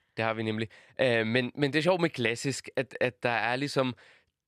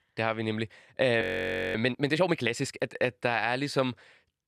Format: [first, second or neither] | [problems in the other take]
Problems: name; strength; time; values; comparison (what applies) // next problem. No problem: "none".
first | audio freezing; at 1 s for 0.5 s